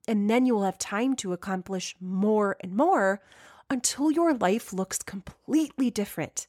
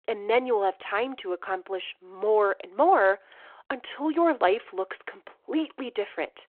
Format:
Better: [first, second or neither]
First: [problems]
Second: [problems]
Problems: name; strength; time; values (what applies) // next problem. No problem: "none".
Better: first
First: none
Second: phone-call audio